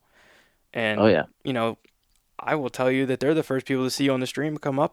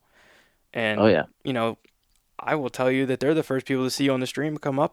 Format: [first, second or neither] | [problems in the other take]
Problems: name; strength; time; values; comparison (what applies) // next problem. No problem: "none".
neither | none